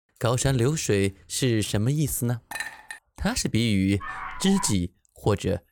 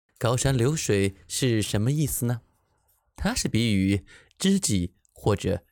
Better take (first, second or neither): second